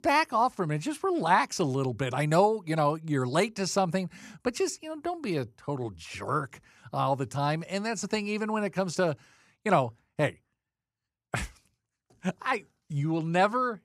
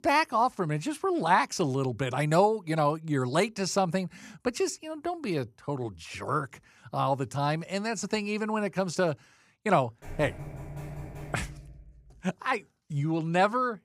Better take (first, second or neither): first